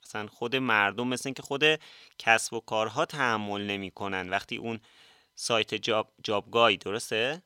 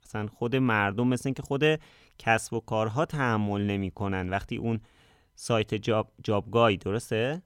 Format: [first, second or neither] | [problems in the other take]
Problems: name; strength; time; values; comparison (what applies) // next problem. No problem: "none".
second | thin; somewhat; fading below 600 Hz